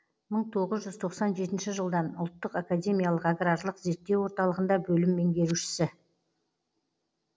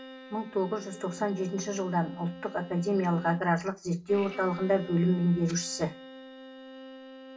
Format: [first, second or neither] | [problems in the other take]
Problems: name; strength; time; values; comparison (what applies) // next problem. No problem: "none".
first | background sound (Bowed string instrument); 16 dB below the speech // room echo; dies away in 0.2 s